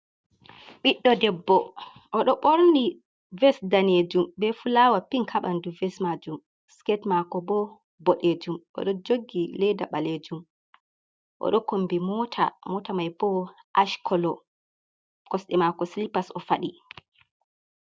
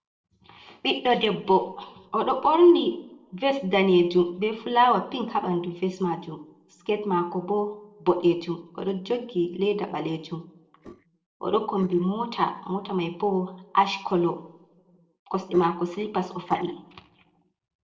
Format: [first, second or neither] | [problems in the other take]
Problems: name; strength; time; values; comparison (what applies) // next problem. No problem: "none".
first | noise reduction (neural separator model SepFormer DNS4)